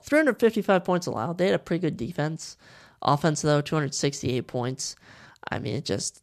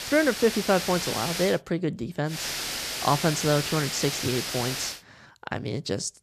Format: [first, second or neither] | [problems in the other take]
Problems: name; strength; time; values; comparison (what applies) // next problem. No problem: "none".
first | hiss; loud; until 1.5 s and from 2.5 to 5 s; 3 dB below the speech